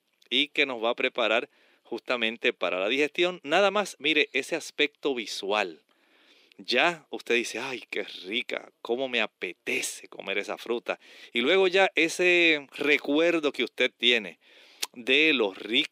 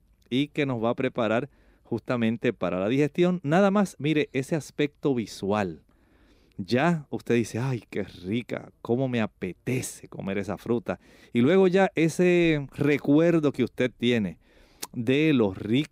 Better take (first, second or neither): second